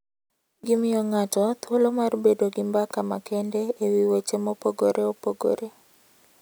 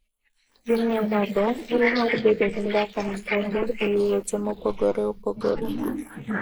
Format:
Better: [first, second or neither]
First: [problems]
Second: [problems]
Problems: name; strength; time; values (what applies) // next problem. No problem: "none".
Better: first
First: none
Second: noise reduction (neural mask model Resemble Enhance denoiser)